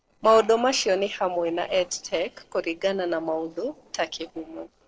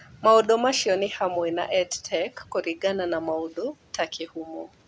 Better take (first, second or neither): second